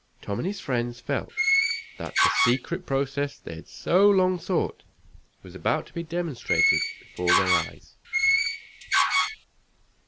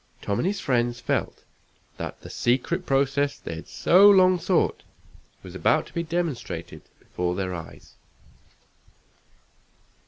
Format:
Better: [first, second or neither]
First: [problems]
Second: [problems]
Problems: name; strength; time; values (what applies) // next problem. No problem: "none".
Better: second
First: background sound (Door); 3 dB above the speech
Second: none